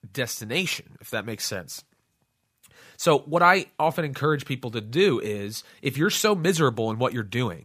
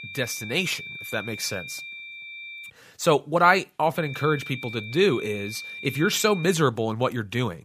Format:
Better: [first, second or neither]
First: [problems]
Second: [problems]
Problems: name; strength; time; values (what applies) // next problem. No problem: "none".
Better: first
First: none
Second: high-pitched whine; noticeable; until 2.5 s and from 4 to 6.5 s; 2.5 kHz, 10 dB below the speech